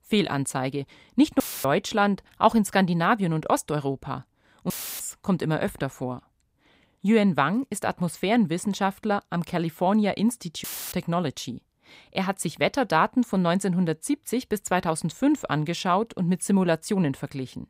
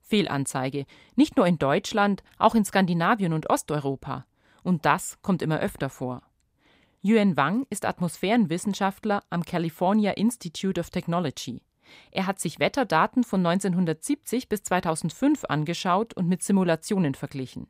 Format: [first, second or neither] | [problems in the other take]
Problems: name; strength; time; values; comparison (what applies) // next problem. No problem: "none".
second | audio cutting out; filled with static; at 1.5 s, at 4.5 s and at 11 s